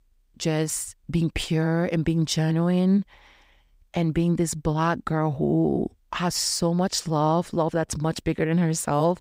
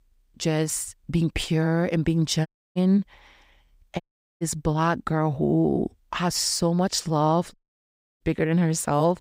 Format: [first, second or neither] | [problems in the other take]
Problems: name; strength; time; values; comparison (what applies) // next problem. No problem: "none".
first | audio cutting out; at 2.5 s, at 4 s and at 7.5 s for 0.5 s